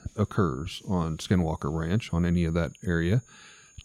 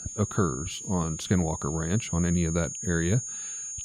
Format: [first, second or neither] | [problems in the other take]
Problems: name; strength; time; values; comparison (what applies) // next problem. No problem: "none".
first | high-pitched whine; loud; throughout; 6.5 kHz, 6 dB below the speech; faint in the first